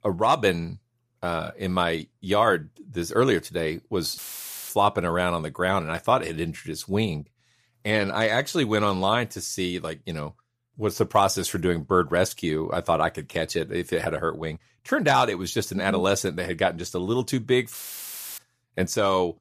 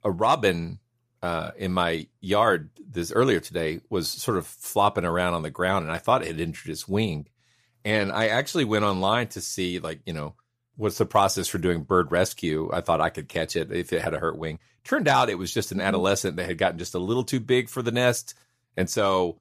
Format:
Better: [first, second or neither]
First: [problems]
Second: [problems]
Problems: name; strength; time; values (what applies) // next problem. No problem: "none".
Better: second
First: audio cutting out; filled with static; at 4 s for 0.5 s and at 18 s for 0.5 s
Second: none